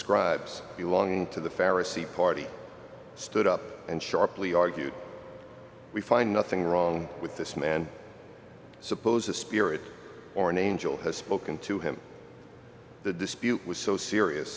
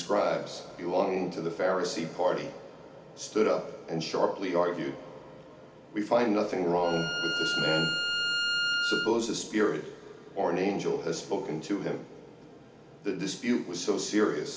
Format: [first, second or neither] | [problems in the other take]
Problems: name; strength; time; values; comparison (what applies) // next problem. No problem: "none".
first | background sound (Bowed string instrument); 1 dB below the speech // room echo; dies away in 0.4 s